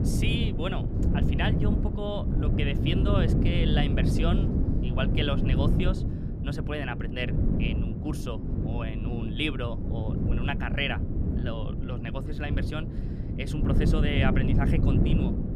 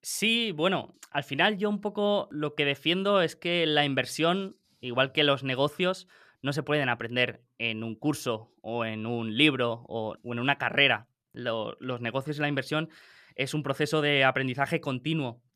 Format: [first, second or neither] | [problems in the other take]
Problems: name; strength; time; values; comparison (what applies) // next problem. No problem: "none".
second | wind noise on the microphone; heavy; 3 dB below the speech